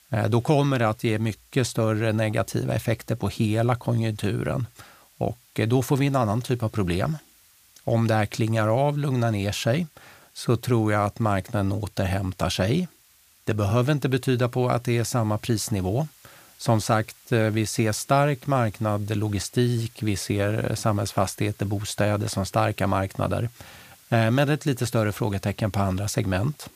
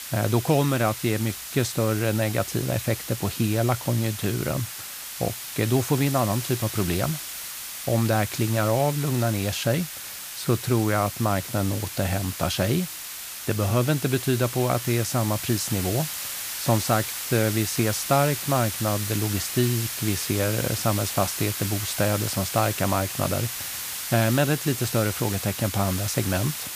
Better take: first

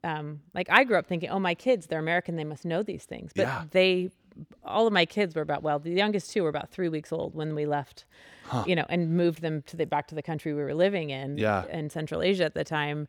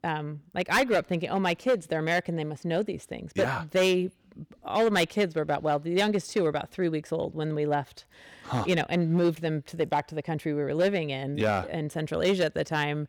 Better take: first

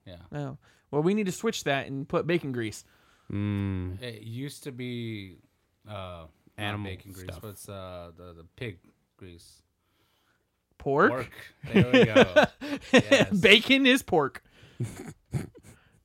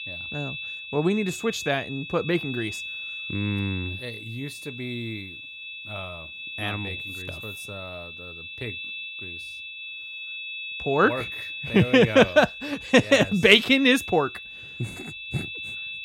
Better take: first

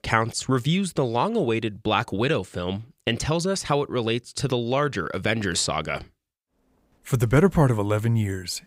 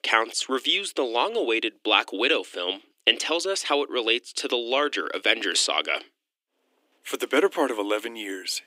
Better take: first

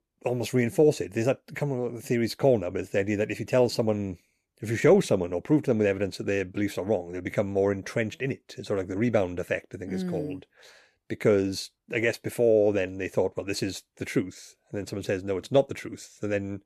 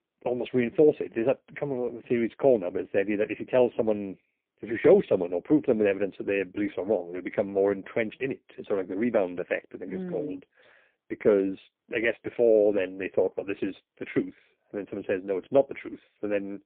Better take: first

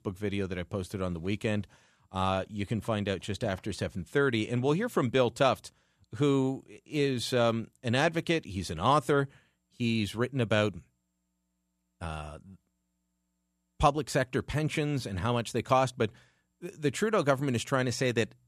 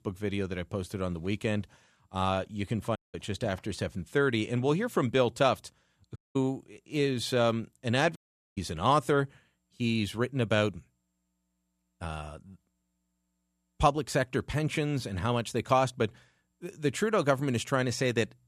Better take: first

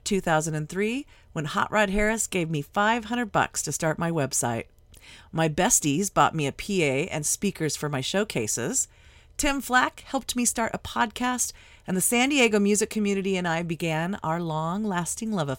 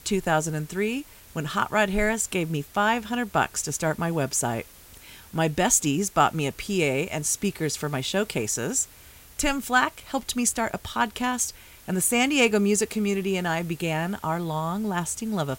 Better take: first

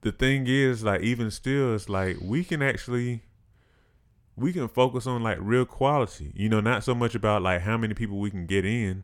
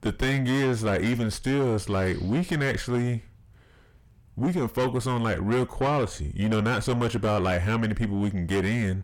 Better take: first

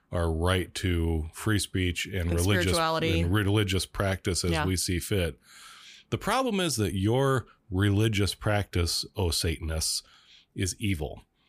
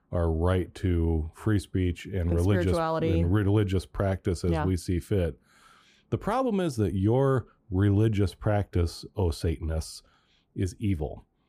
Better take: first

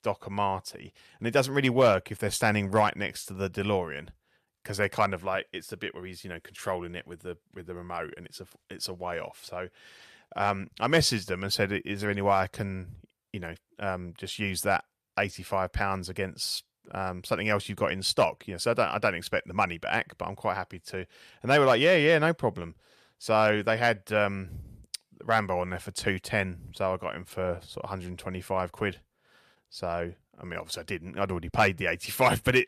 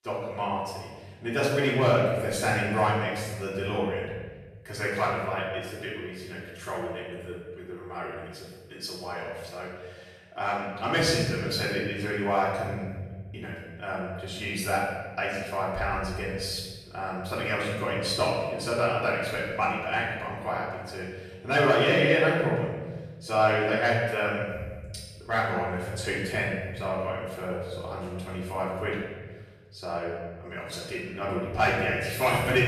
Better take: first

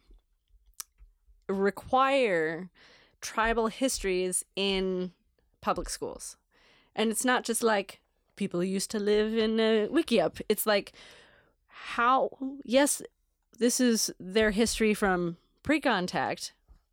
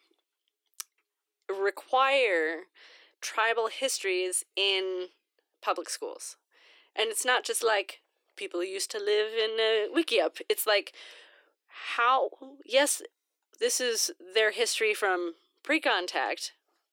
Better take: first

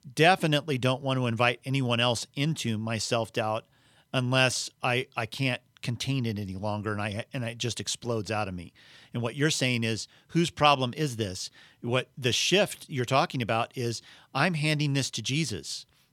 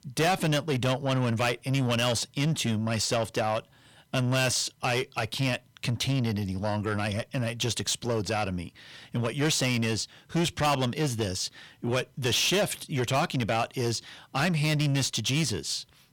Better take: first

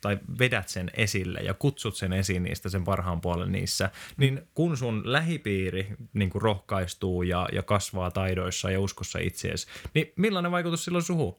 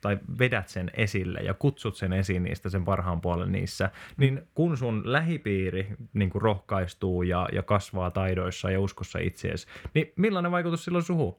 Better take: first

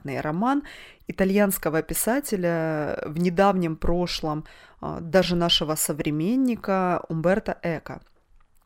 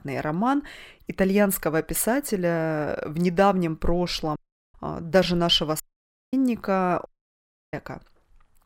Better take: first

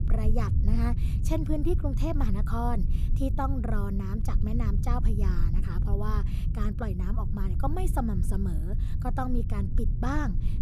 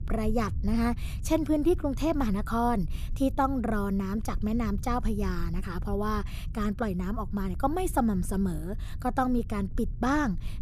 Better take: second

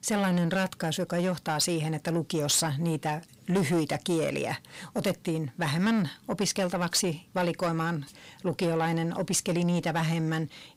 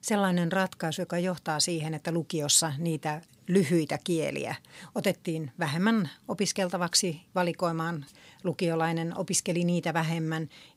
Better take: second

